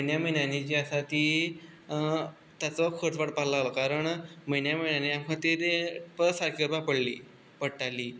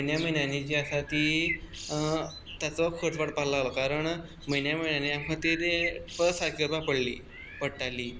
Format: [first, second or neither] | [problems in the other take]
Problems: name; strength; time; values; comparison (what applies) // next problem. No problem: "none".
first | background sound (Subway, metro, underground + Bird); 11 dB below the speech